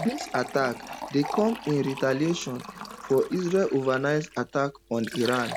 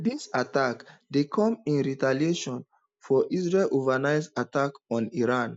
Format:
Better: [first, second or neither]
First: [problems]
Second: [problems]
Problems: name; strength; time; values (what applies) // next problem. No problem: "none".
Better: second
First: background sound (Fill (with liquid)); 12 dB below the speech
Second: none